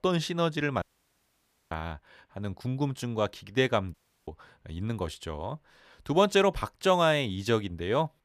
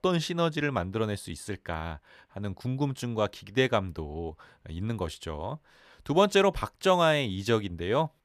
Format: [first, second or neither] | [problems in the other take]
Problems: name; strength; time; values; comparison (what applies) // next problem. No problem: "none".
second | audio cutting out; at 1 s for 1 s and at 4 s